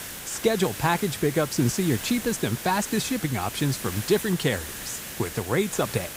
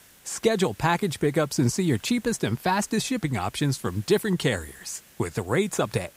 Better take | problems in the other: second | hiss; loud; throughout; 9 dB below the speech; faint in the second

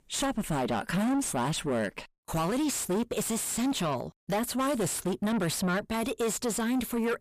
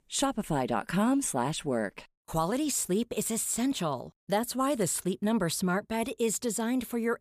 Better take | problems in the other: second | distortion; heavy; 7 dB below the speech

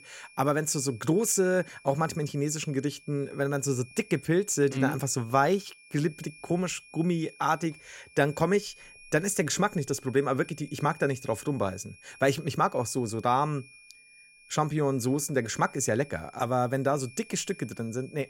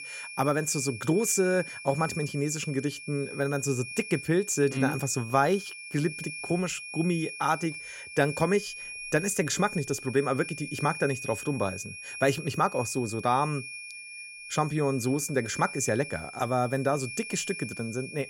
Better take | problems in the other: first | high-pitched whine; loud; throughout; 2.5 kHz, 10 dB below the speech; faint in the first

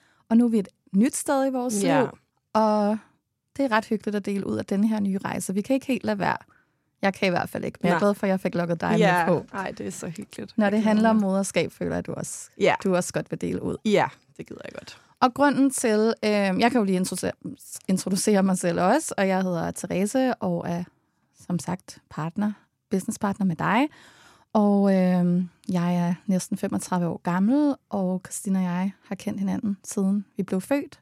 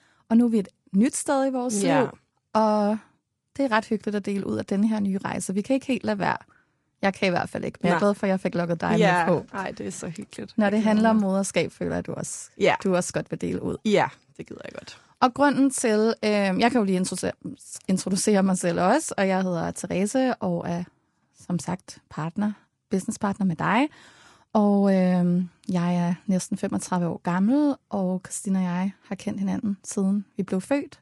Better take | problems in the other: first | garbled, watery; slightly; nothing above 10.5 kHz

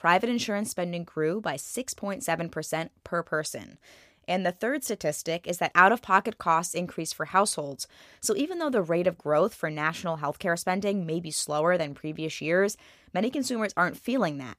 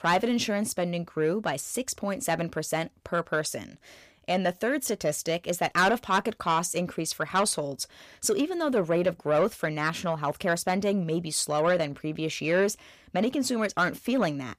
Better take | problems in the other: first | distortion; slight; 10 dB below the speech

